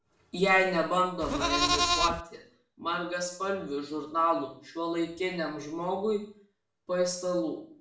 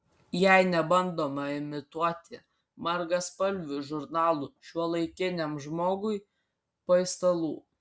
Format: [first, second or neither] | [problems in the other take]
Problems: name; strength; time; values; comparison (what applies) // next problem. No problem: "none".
second | background sound (Livestock, farm animals, working animals); 3 dB above the speech // room echo; dies away in 0.5 s